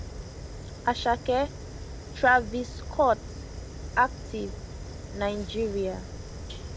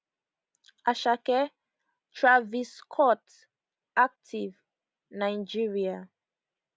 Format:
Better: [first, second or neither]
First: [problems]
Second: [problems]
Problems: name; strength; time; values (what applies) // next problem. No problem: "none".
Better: second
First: background sound (Fire); 9 dB below the speech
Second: none